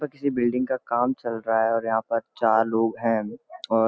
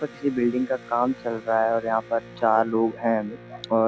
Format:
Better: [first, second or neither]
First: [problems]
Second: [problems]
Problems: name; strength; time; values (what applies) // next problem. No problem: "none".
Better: first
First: none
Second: background sound (Electric guitar); 19 dB below the speech